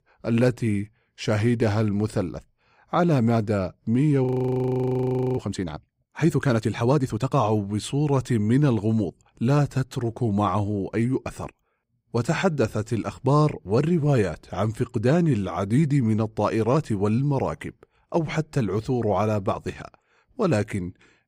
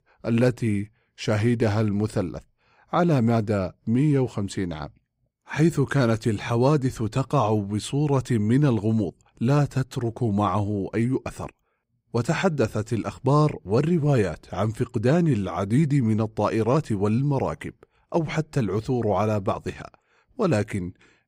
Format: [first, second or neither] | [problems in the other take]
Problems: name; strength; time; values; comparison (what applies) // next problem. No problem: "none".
second | audio freezing; at 4.5 s for 1 s